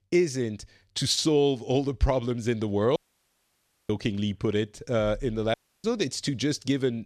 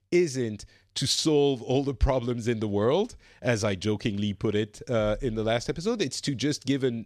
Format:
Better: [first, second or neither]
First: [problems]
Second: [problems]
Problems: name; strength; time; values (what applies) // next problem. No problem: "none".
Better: second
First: audio cutting out; at 3 s for 1 s and at 5.5 s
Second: none